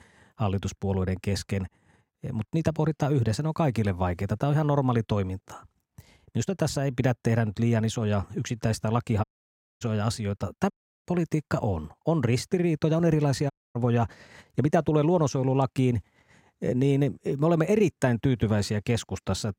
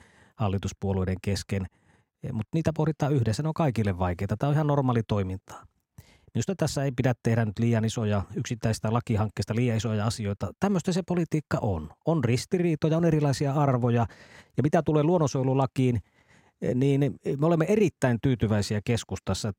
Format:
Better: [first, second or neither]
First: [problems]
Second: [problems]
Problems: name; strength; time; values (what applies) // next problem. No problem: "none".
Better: second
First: audio cutting out; at 9 s for 0.5 s, at 11 s and at 14 s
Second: none